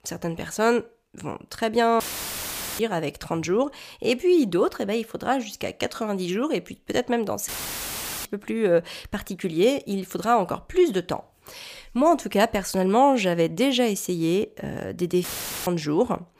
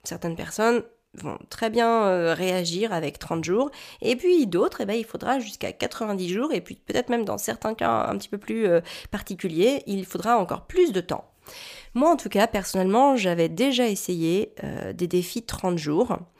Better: second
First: audio cutting out; filled with static; at 2 s for 1 s, at 7.5 s for 1 s and at 15 s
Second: none

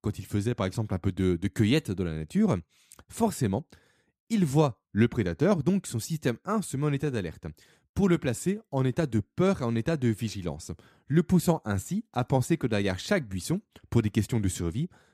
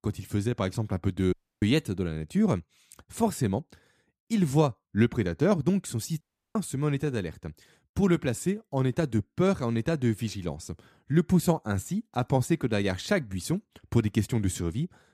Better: first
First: none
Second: audio cutting out; at 1.5 s and at 6 s

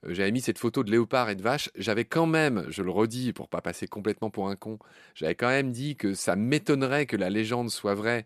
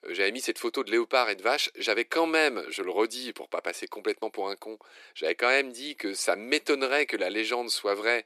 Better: first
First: none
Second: thin; somewhat; fading below 350 Hz

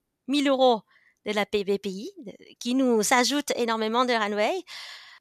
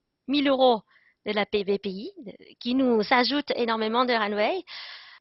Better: first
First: none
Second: garbled, watery; badly; nothing above 5.5 kHz

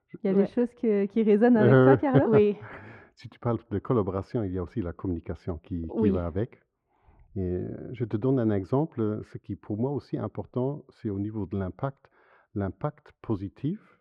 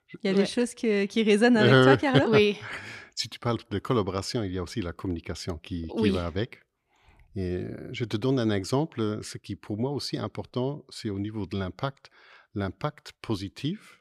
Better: second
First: muffled; very; fading above 2.5 kHz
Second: none

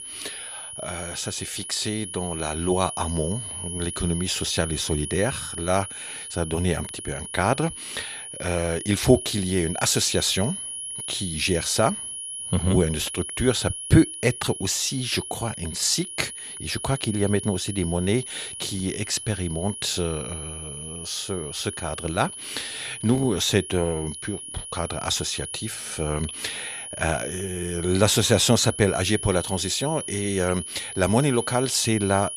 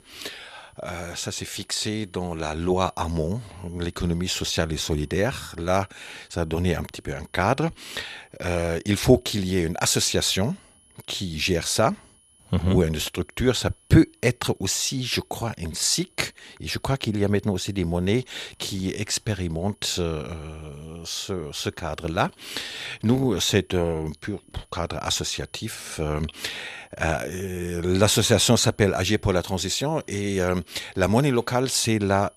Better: second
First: high-pitched whine; loud; throughout; 10.5 kHz, 8 dB below the speech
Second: high-pitched whine; faint; throughout; 10.5 kHz, 35 dB below the speech

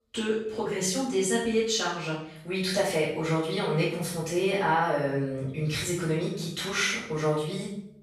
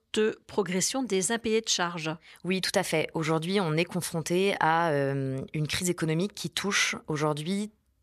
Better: second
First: off-mic speech; far // room echo; noticeable; dies away in 0.6 s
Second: none

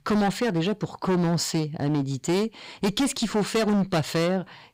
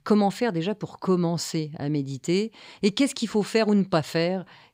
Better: second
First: distortion; heavy; 18% of the sound clipped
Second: none

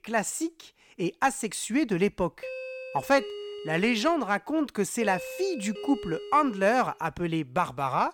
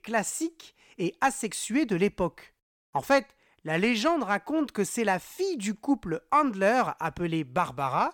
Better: second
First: doorbell; noticeable; from 2.5 to 7 s; peak 9 dB below the speech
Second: none

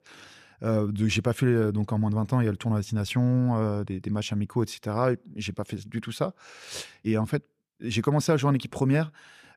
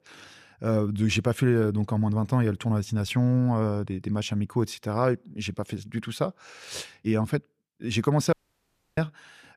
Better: first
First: none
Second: audio cutting out; at 8.5 s for 0.5 s

